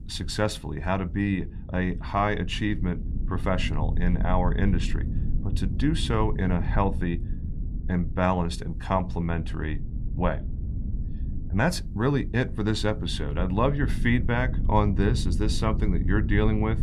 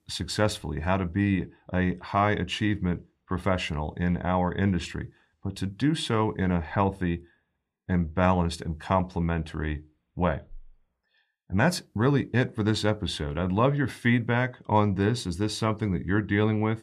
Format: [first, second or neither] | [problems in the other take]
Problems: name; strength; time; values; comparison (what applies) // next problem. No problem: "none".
second | low rumble; noticeable; throughout; 15 dB below the speech